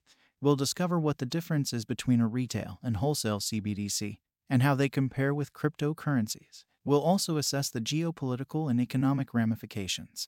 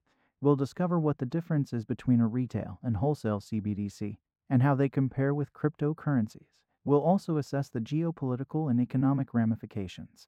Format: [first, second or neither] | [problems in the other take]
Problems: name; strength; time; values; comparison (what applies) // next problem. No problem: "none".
first | muffled; very; fading above 2.5 kHz